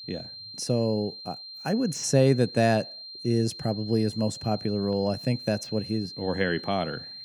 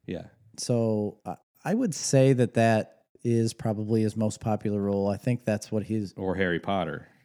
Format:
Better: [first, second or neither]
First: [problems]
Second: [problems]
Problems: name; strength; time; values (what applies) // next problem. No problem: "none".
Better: second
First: high-pitched whine; noticeable; throughout; 4 kHz, 10 dB below the speech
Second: none